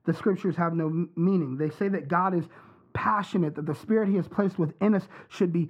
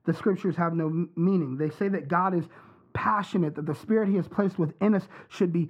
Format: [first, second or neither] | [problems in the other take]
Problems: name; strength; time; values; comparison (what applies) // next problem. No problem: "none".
neither | muffled; very; fading above 2.5 kHz; the same in both